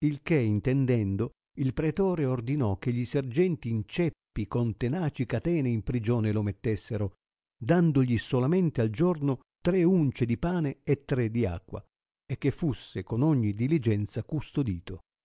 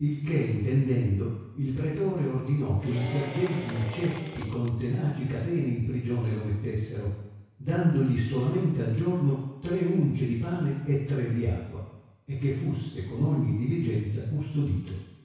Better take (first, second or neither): first